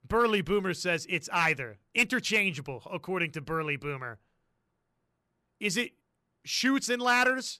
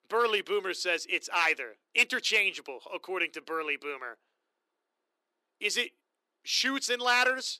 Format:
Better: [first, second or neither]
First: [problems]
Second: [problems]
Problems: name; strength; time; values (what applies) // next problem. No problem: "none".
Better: first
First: none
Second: thin; somewhat; fading below 300 Hz